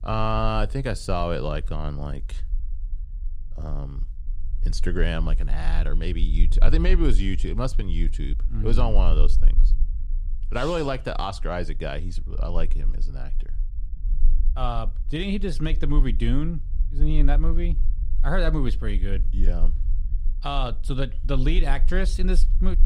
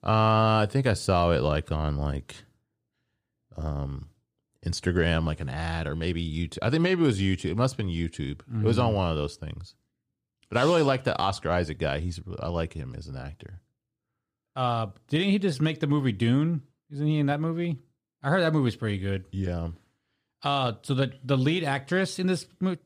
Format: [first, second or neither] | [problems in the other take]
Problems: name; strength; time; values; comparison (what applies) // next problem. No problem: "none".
second | low rumble; faint; throughout; 20 dB below the speech